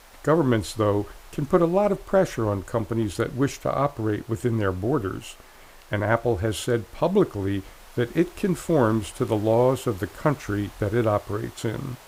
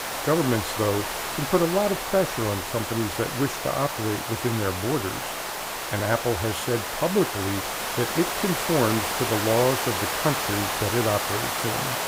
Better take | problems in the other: first | hiss; loud; throughout; 1 dB below the speech; faint in the first

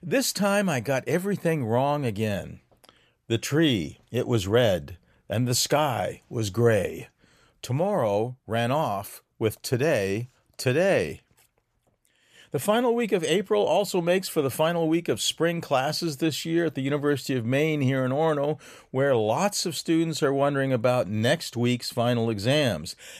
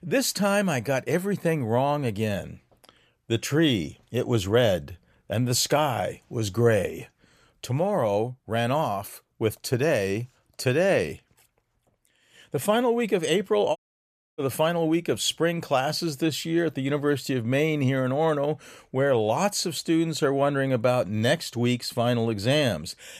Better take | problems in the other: first | audio cutting out; at 14 s for 0.5 s

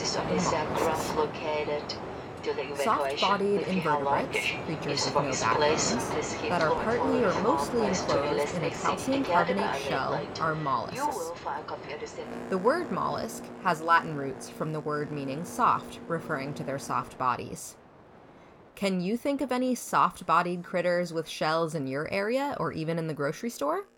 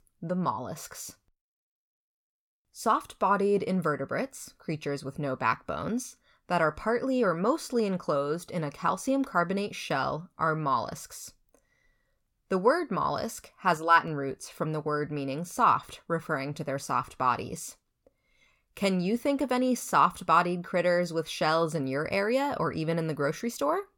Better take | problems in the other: second | train or aircraft noise; loud; throughout; 1 dB below the speech

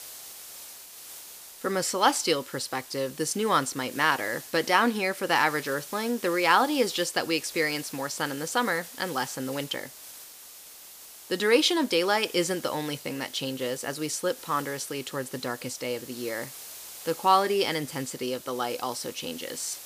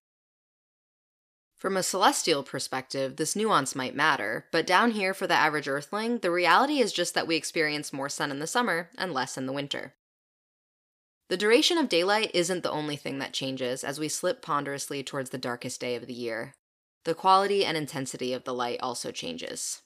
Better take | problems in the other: second | hiss; noticeable; throughout; 15 dB below the speech

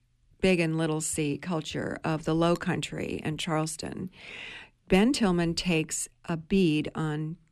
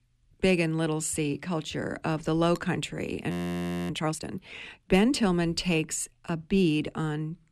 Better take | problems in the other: first | audio freezing; at 3.5 s for 0.5 s

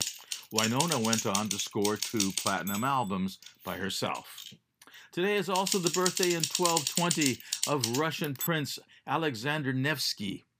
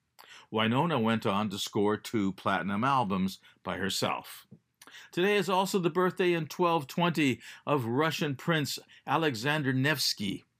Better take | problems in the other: second | keyboard typing; loud; until 8.5 s; peak 3 dB above the speech

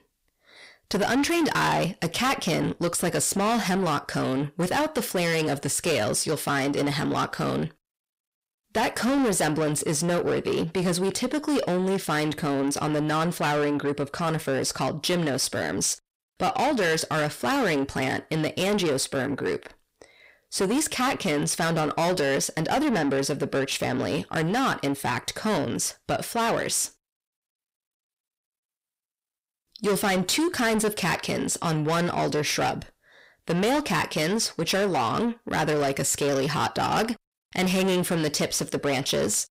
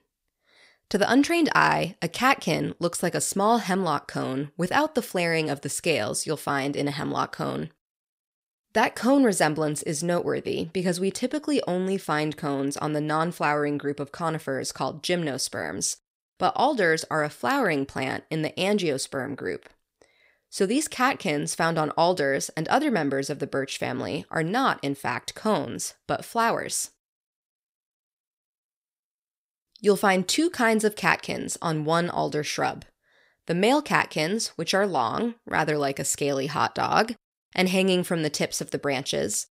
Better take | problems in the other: second | distortion; heavy; 6 dB below the speech

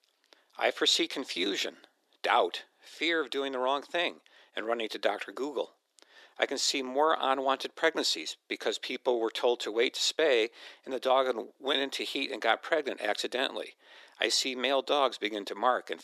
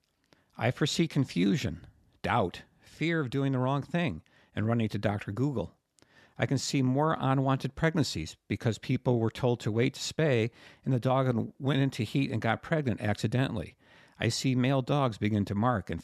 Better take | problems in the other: second | thin; very; fading below 350 Hz

